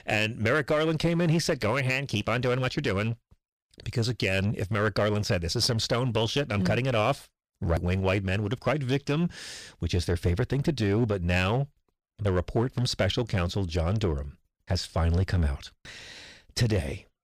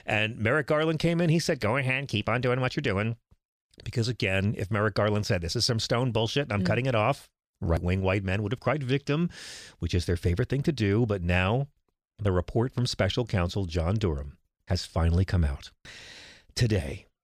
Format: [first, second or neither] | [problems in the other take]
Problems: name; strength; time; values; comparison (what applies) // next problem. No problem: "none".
second | distortion; slight; 7% of the sound clipped